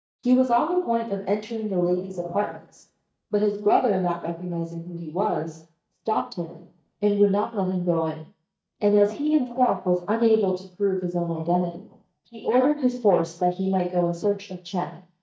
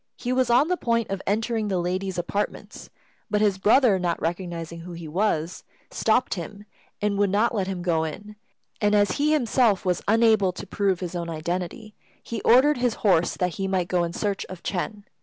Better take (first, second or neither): second